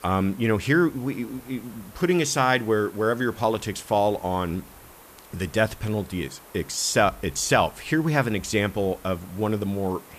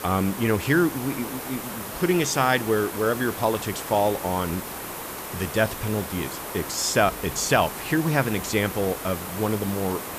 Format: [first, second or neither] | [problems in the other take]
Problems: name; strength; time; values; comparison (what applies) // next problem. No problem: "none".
first | hiss; loud; throughout; 8 dB below the speech; faint in the first